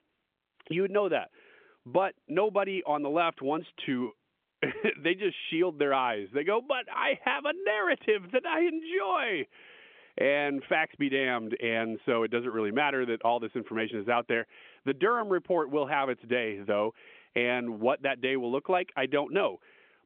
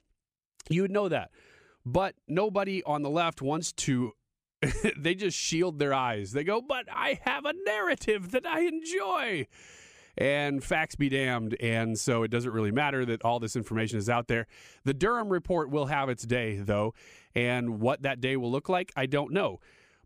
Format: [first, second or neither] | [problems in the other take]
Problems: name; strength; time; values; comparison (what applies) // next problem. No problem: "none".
second | phone-call audio; nothing above 3.5 kHz